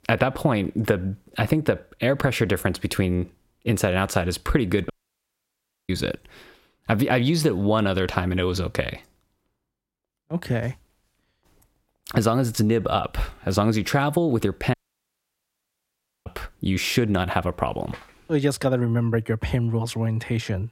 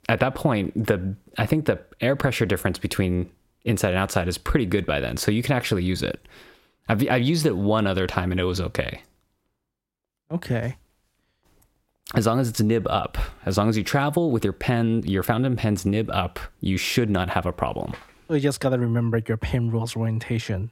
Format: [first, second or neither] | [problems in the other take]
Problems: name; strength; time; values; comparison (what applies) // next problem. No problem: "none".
second | audio cutting out; at 5 s for 1 s and at 15 s for 1.5 s